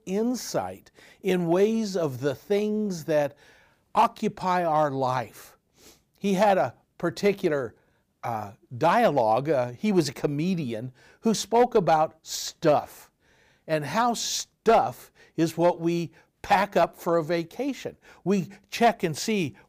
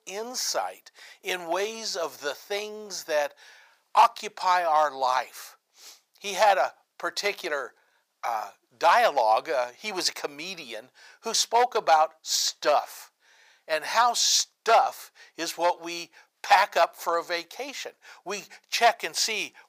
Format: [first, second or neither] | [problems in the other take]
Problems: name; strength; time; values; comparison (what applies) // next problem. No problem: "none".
first | thin; very; fading below 900 Hz